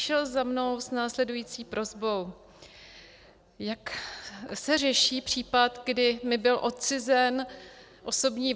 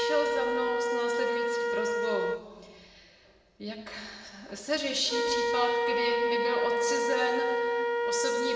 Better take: first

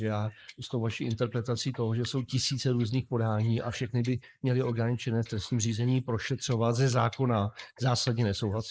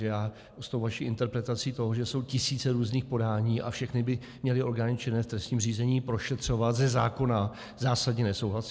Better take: second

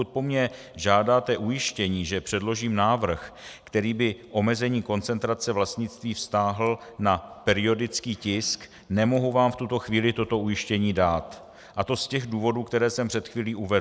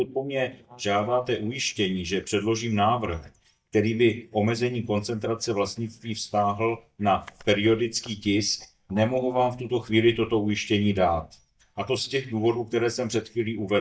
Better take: first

